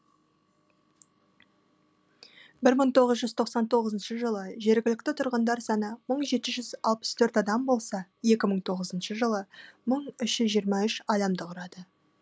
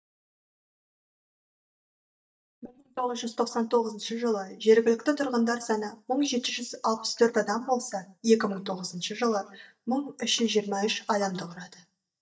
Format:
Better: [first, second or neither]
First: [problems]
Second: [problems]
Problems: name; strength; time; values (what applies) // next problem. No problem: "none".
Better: first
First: none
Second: noise reduction (neural mask model DeepFilterNet 3)